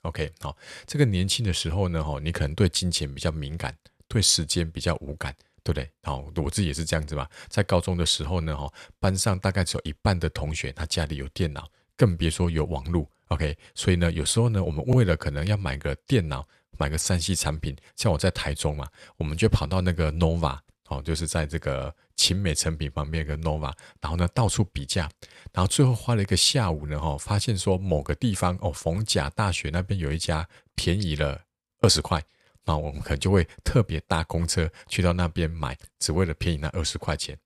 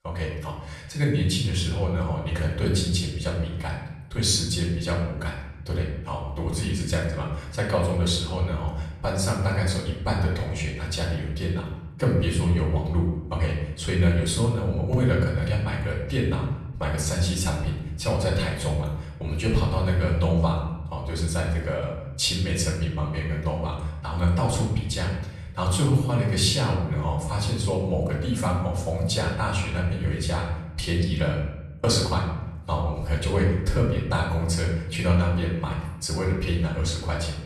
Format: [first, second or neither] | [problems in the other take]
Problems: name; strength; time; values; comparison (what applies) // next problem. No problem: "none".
first | off-mic speech; far // room echo; noticeable; dies away in 1 s